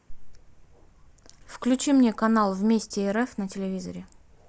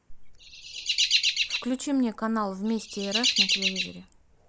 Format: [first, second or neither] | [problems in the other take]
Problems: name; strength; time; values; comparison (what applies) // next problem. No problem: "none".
first | background sound (Chirp, tweet); 2 dB above the speech